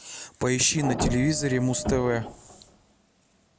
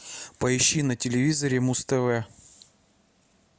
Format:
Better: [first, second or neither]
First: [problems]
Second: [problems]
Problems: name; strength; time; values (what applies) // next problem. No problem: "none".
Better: second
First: background sound (Printer); 5 dB below the speech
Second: none